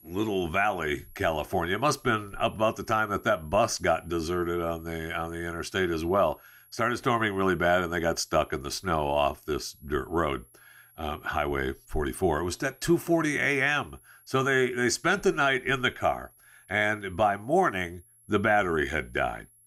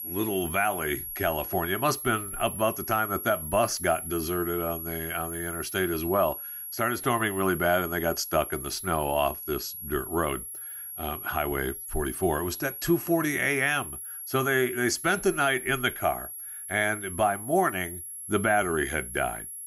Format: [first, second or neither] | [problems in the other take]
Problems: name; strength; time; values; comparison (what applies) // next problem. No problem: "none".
first | high-pitched whine; loud; throughout; 11 kHz, 7 dB below the speech; faint in the first